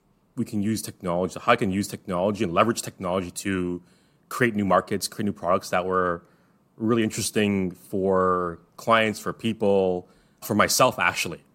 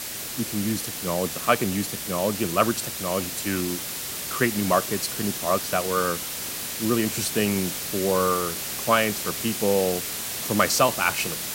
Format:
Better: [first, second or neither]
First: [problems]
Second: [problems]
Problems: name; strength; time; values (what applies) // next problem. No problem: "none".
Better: first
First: none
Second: hiss; loud; throughout; 3 dB below the speech